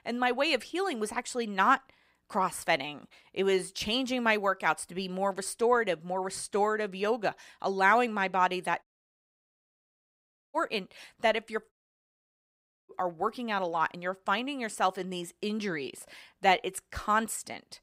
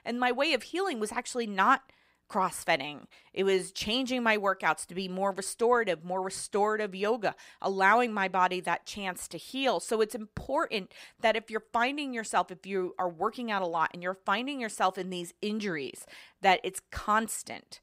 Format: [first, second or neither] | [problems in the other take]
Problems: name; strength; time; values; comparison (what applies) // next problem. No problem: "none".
second | audio cutting out; at 9 s for 1.5 s and at 12 s for 1 s